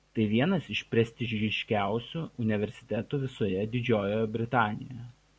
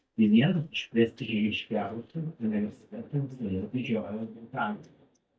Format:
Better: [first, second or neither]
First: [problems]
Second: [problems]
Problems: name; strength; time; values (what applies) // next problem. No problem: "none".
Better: first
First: none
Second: noise reduction (neural mask model DeepFilterNet 3)